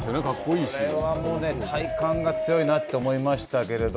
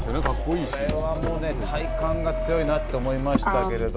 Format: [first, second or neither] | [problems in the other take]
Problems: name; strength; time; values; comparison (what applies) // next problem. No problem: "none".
first | background sound (Motor vehicle (road)); 1 dB below the speech